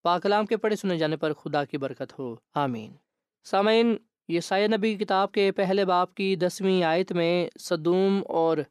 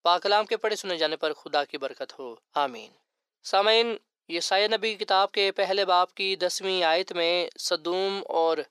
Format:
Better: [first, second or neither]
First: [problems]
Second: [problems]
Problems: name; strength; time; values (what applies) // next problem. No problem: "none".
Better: first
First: none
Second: thin; very; fading below 550 Hz